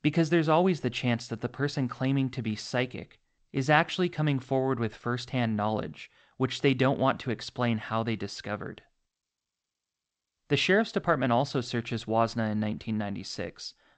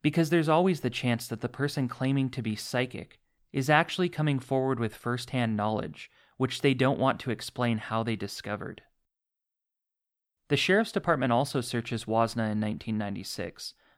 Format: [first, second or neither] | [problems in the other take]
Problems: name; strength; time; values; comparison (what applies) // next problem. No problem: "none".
second | garbled, watery; slightly; nothing above 8 kHz